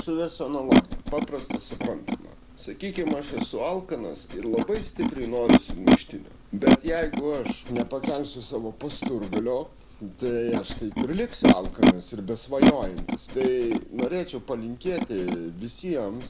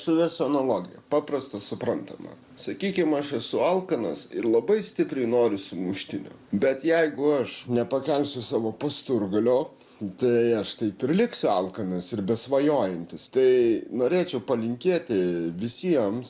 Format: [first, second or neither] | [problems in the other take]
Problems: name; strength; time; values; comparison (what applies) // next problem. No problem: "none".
second | background sound (Animal); 4 dB above the speech